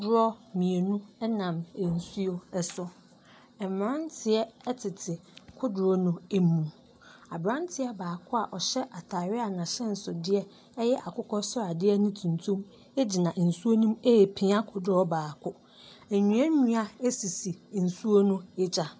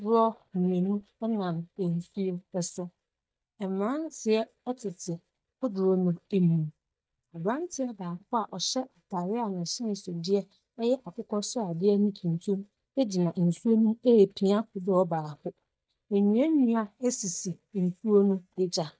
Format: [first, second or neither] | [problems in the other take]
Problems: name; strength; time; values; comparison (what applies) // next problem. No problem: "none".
first | noise reduction (neural mask model DeepFilterNet 3)